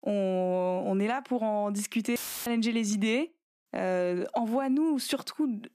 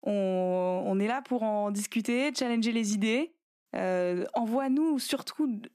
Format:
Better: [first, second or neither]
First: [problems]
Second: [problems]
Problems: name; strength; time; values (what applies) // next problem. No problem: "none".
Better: second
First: audio cutting out; filled with static; at 2 s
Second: none